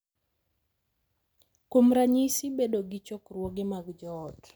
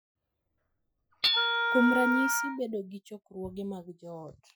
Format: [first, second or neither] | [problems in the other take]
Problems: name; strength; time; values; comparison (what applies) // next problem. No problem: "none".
first | noise reduction (classical method Wiener filter)